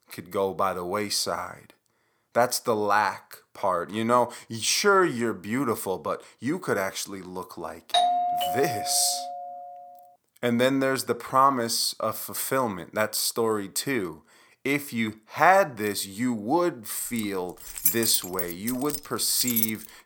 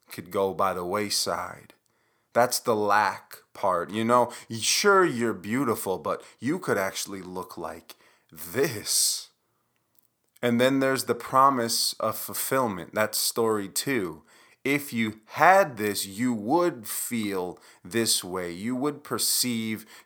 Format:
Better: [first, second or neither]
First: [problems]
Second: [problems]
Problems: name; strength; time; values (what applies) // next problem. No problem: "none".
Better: second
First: doorbell; loud; from 8 to 9.5 s; peak 3 dB above the speech // jangling keys; loud; from 17 s on; peak 4 dB above the speech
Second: none